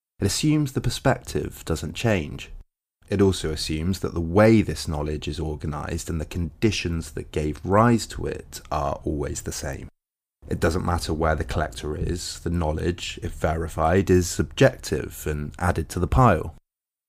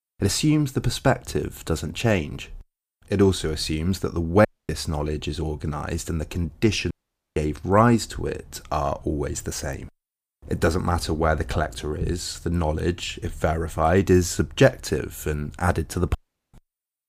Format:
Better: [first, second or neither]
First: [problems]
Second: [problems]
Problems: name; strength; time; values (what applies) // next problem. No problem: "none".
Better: first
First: none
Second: audio cutting out; at 4.5 s, at 7 s and at 16 s